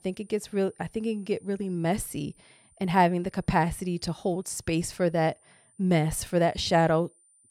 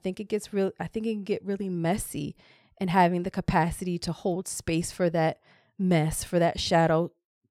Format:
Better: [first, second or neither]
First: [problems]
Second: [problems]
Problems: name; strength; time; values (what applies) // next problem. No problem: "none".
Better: second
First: high-pitched whine; faint; throughout; 9 kHz, 30 dB below the speech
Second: none